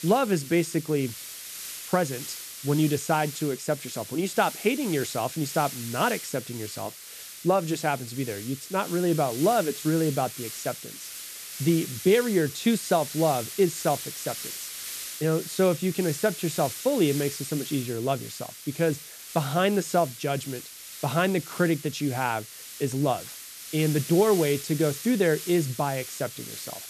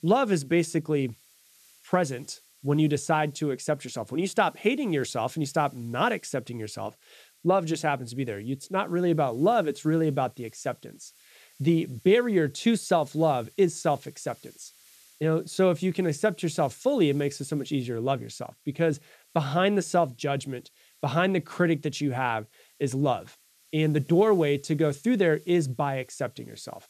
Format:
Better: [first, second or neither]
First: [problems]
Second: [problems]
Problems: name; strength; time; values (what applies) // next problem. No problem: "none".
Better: second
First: hiss; loud; throughout; 10 dB below the speech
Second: hiss; faint; throughout; 30 dB below the speech